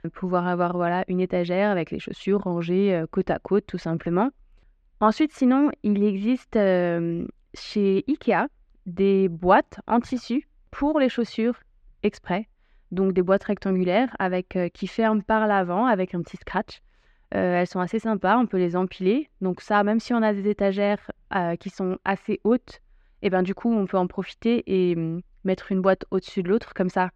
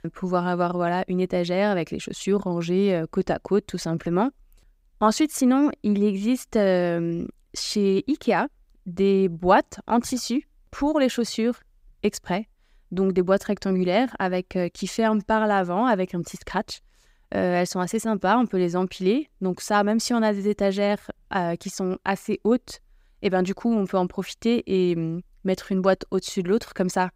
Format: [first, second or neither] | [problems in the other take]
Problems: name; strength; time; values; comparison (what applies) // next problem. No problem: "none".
second | muffled; slightly; fading above 2.5 kHz